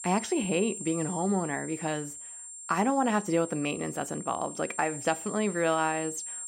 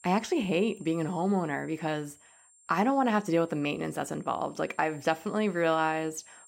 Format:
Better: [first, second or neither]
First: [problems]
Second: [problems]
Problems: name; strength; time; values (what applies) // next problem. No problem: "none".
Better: second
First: high-pitched whine; loud; throughout; 7.5 kHz, 9 dB below the speech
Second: high-pitched whine; faint; throughout; 7.5 kHz, 25 dB below the speech